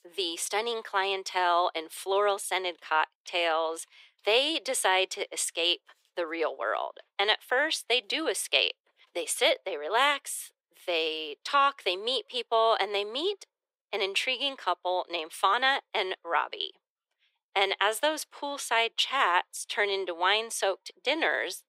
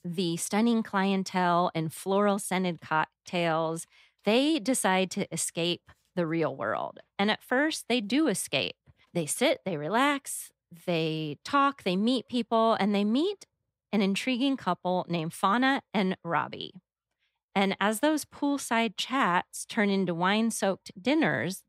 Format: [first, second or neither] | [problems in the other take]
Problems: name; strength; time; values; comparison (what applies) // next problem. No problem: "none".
second | thin; very; fading below 400 Hz